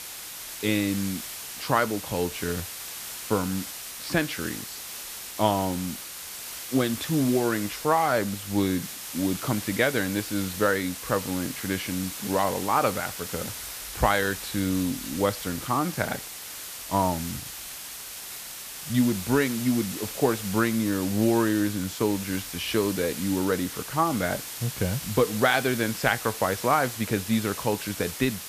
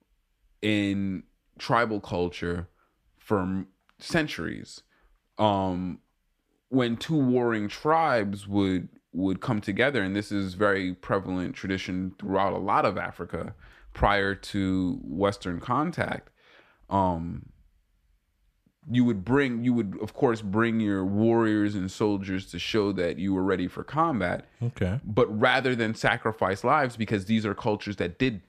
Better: second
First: hiss; loud; throughout; 8 dB below the speech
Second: none

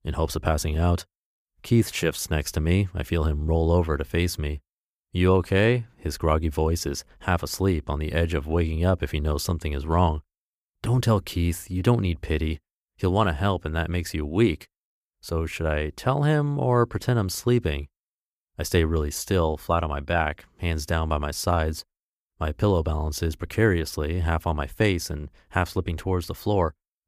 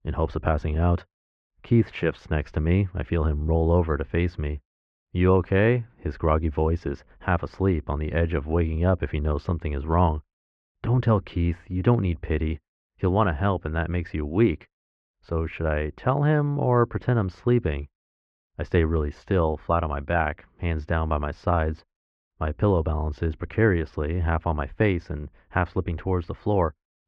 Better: first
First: none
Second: muffled; very; fading above 2.5 kHz

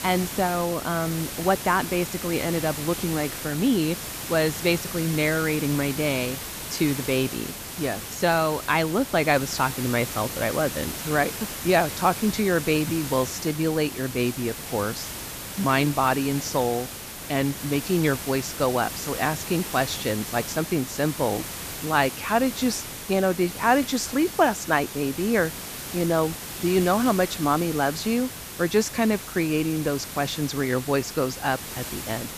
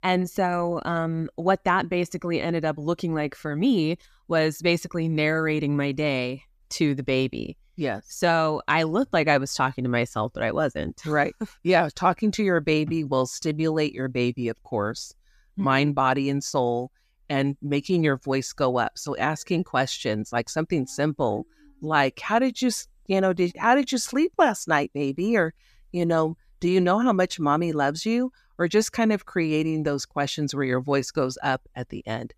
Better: second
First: hiss; loud; throughout; 8 dB below the speech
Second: none

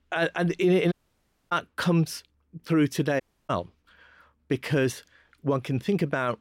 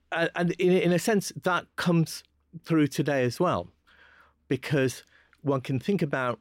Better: second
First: audio cutting out; at 1 s for 0.5 s and at 3 s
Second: none

